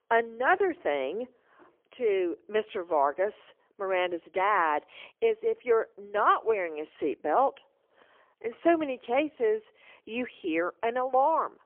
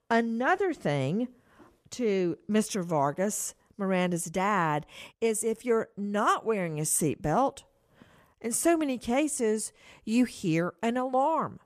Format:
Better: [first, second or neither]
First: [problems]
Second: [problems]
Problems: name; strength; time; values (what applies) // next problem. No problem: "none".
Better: second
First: phone-call audio; poor line; nothing above 3.5 kHz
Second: none